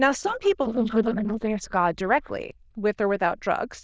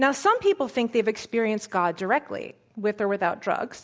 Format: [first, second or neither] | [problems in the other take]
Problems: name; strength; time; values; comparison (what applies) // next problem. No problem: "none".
second | noise reduction (neural diffusion model UNIVERSE++)